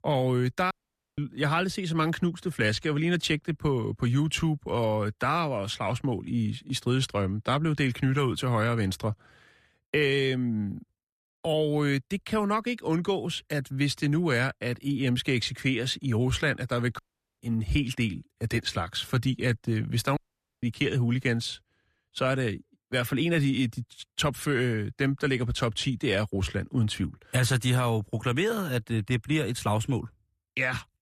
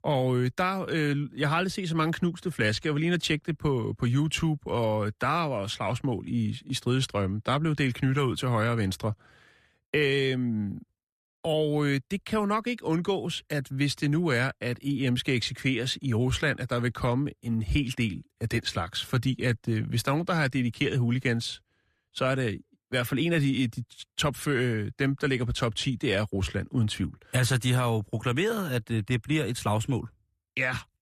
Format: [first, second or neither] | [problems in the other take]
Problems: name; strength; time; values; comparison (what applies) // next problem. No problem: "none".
second | audio cutting out; at 0.5 s, at 17 s and at 20 s